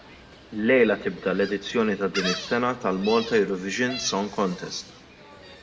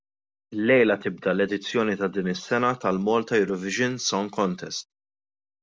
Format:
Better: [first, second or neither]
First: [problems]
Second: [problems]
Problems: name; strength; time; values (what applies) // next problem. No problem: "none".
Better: second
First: background sound (Gull, seagull); 13 dB below the speech // room echo; dies away in 0.8 s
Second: none